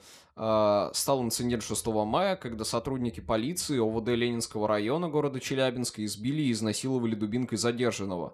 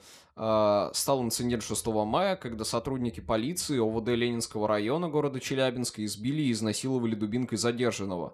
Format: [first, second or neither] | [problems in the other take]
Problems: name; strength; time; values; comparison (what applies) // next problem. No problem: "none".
neither | none